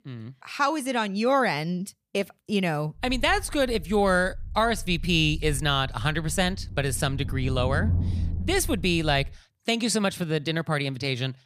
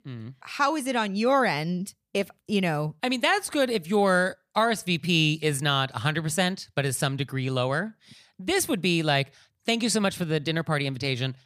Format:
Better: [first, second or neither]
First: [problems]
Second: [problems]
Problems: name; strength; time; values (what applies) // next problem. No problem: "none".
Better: second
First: low rumble; faint; from 3 to 9.5 s; 20 dB below the speech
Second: none